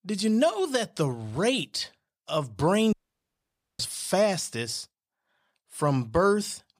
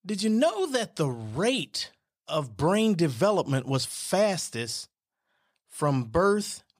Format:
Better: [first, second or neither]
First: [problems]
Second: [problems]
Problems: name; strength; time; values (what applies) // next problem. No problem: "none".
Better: second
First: audio cutting out; at 3 s for 1 s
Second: none